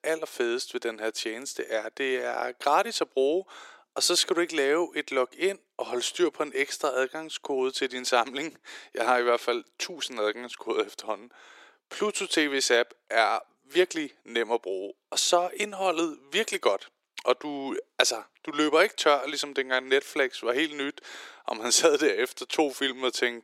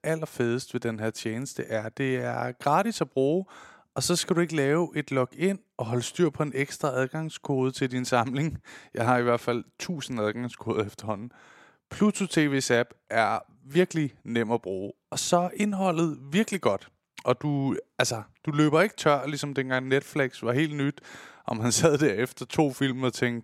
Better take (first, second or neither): second